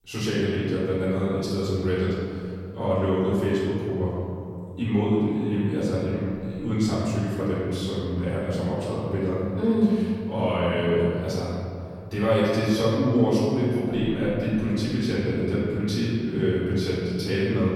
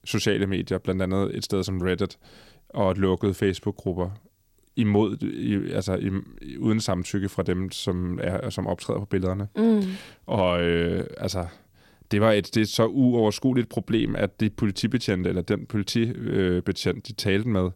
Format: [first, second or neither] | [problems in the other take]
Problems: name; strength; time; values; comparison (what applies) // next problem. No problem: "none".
second | off-mic speech; far // room echo; strong; dies away in 2.4 s